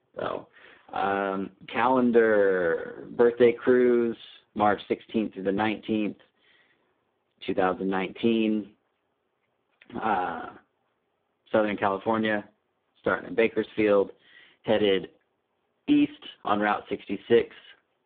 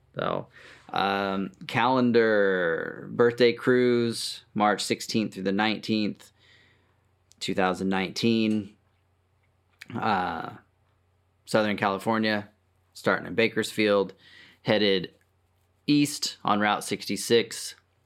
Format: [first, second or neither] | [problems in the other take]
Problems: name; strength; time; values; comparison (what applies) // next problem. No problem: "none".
second | phone-call audio; poor line